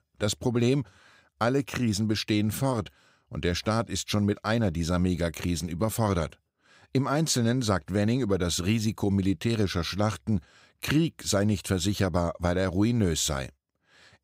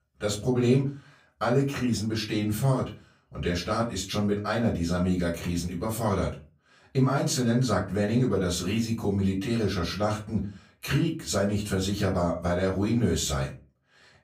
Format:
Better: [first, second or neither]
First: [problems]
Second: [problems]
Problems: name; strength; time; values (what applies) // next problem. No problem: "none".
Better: first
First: none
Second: off-mic speech; far // room echo; very slight; dies away in 0.3 s